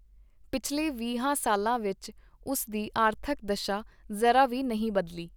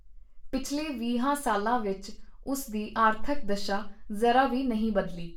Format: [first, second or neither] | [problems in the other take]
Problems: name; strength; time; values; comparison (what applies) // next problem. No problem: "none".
first | room echo; dies away in 0.3 s